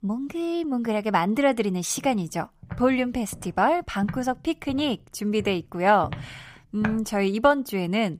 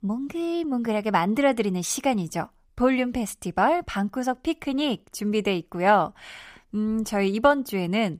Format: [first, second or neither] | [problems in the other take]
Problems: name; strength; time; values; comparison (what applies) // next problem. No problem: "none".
second | footsteps; noticeable; from 2 to 7 s; peak 9 dB below the speech